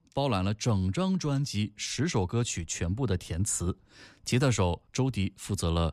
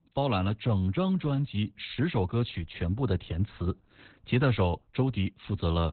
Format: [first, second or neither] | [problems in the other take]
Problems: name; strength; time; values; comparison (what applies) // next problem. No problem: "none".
first | garbled, watery; badly; nothing above 4 kHz